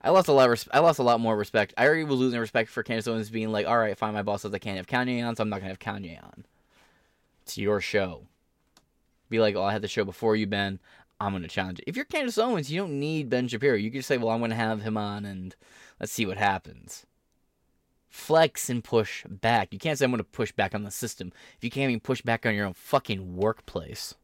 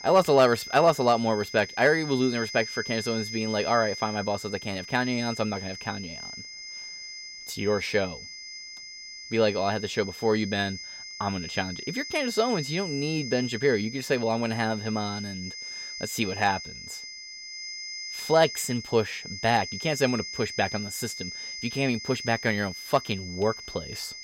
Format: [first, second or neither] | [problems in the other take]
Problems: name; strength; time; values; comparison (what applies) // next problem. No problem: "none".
first | high-pitched whine; loud; throughout; 5 kHz, 9 dB below the speech